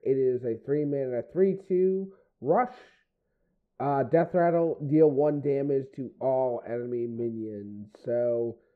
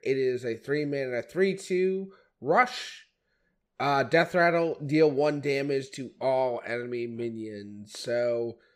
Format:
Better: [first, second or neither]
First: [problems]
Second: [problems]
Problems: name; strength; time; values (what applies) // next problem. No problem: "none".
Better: second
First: muffled; very; fading above 1.5 kHz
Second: none